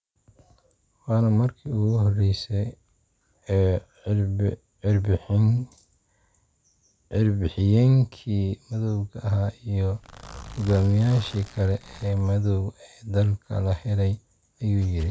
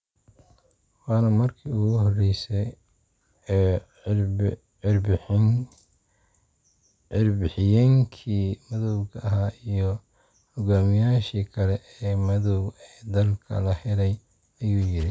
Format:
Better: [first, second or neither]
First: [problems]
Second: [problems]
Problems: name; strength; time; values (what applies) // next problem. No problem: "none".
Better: second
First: background sound (Zipper (clothing)); 18 dB below the speech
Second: none